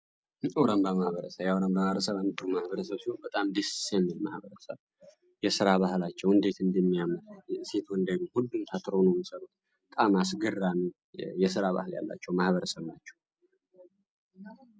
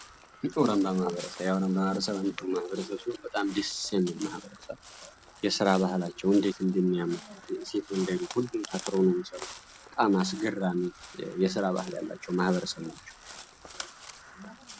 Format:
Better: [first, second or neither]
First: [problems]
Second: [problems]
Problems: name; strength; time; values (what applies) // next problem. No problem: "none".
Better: first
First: none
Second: background sound (Crow); 17 dB below the speech